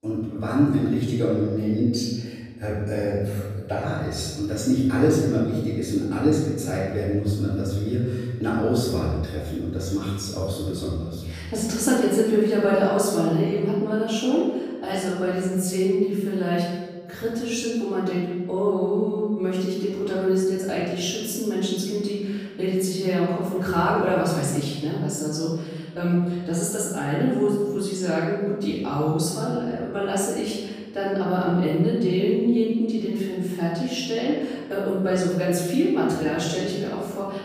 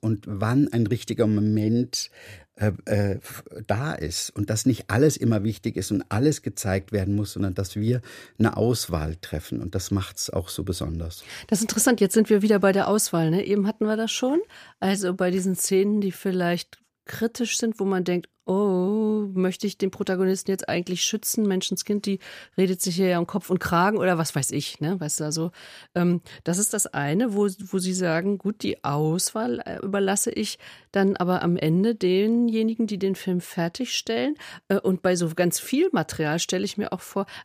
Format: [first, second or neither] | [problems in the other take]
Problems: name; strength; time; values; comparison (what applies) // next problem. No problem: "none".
second | off-mic speech; far // room echo; strong; dies away in 1.4 s